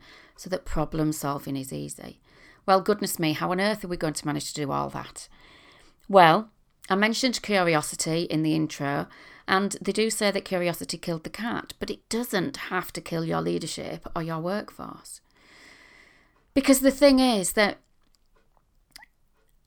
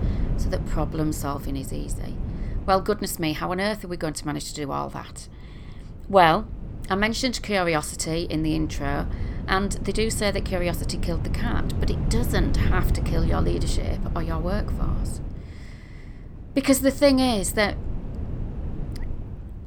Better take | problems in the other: first | wind noise on the microphone; occasional gusts; 15 dB below the speech

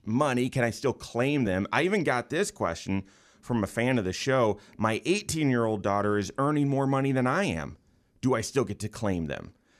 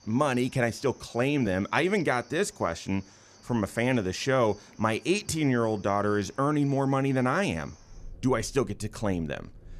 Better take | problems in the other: first | animal sounds; faint; throughout; 25 dB below the speech

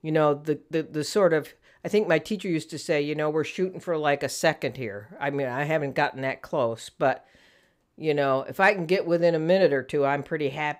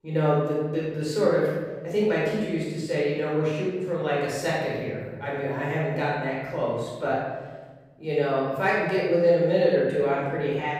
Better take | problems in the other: first | off-mic speech; far // room echo; strong; dies away in 1.5 s

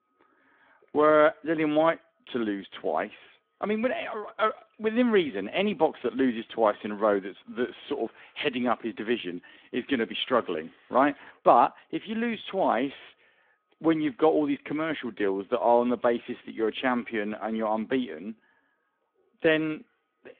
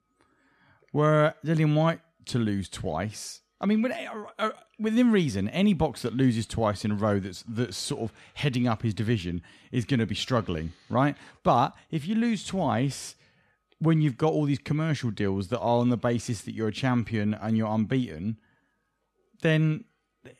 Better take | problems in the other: second | phone-call audio

